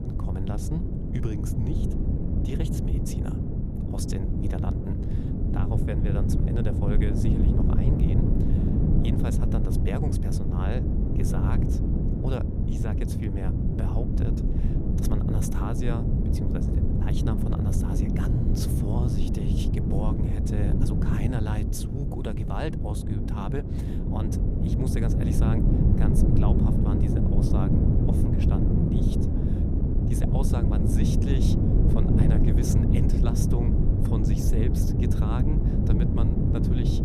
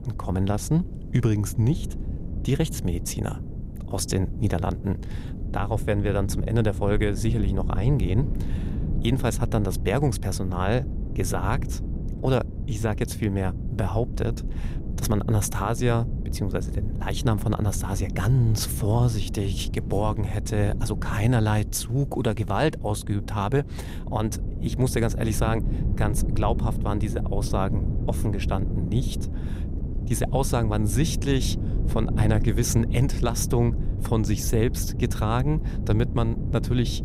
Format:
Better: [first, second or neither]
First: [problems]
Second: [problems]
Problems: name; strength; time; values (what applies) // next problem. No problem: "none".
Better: second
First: wind noise on the microphone; heavy; 4 dB above the speech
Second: wind noise on the microphone; occasional gusts; 10 dB below the speech